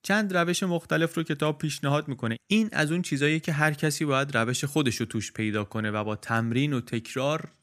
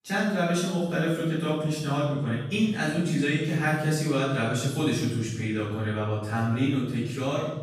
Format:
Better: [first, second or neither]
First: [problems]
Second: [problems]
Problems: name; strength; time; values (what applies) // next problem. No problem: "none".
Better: first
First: none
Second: room echo; strong; dies away in 1.1 s // off-mic speech; far